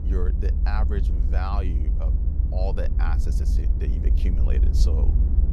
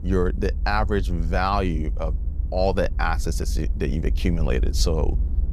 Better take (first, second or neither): second